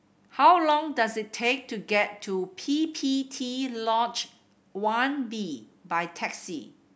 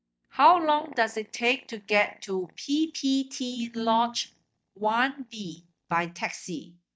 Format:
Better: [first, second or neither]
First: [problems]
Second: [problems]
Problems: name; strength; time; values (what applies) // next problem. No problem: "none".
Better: first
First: none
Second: noise reduction (neural mask model DeepFilterNet 3)